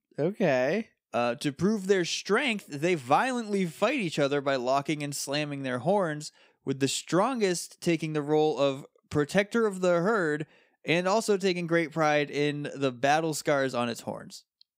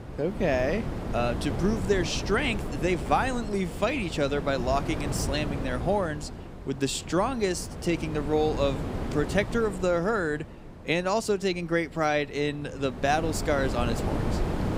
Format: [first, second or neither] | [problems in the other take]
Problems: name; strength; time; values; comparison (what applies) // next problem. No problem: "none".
first | wind noise on the microphone; occasional gusts; 10 dB below the speech